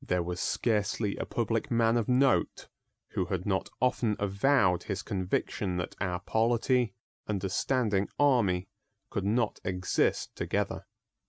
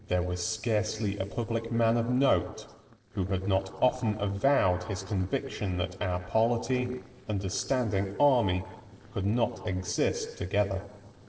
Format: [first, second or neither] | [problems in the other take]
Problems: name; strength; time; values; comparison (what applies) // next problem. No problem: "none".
first | noise reduction (neural separator model SepFormer DNS4)